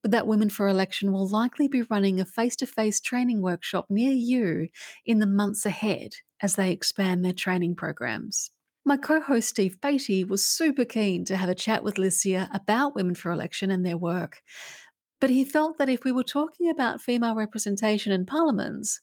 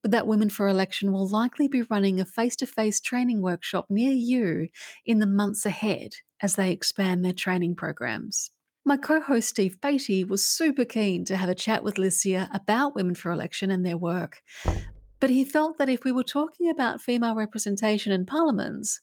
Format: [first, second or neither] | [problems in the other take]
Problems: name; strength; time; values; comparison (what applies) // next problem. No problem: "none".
first | door banging; noticeable; at 15 s; peak 6 dB below the speech